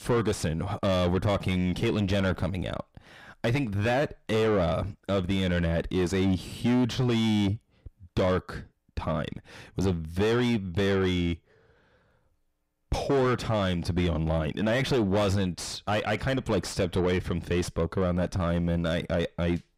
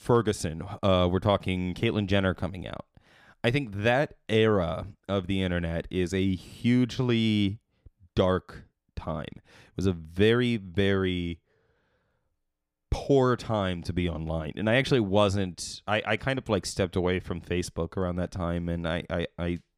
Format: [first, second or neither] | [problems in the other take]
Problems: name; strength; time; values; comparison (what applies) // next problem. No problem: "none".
second | distortion; heavy; 5 dB below the speech